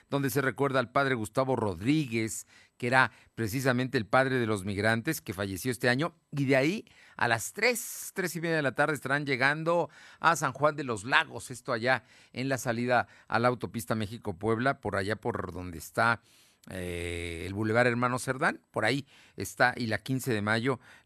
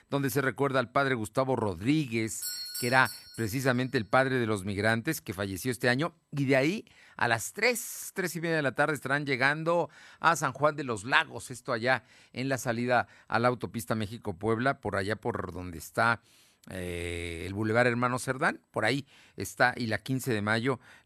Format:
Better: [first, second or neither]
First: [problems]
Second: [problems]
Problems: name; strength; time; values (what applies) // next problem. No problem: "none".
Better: first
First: none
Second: doorbell; noticeable; from 2.5 to 3.5 s; peak 4 dB below the speech